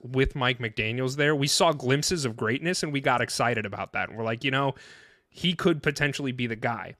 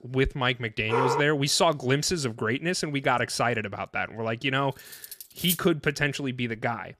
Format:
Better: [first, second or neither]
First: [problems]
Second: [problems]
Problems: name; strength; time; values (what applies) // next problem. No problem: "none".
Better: first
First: none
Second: dog barking; loud; at 1 s; peak level with the speech // clattering dishes; noticeable; at 5 s; peak 4 dB below the speech